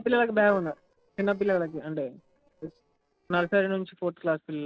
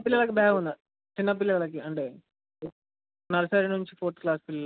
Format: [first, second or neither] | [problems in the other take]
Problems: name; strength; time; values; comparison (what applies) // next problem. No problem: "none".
second | noise reduction (neural separator model SepFormer DNS4)